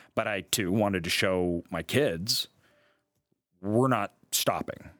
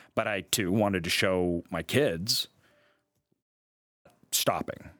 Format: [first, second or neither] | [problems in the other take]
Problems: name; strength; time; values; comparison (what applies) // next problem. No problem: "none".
first | audio cutting out; at 3.5 s for 0.5 s